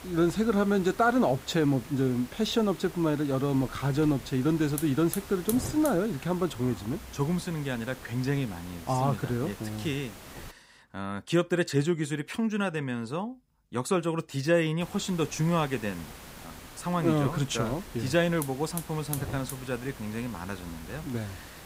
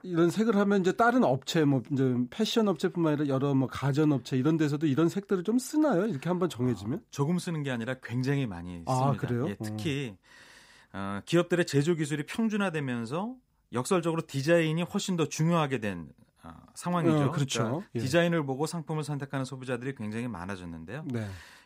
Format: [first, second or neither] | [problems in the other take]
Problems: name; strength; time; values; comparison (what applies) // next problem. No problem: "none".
second | hiss; noticeable; until 11 s and from 15 s on; 15 dB below the speech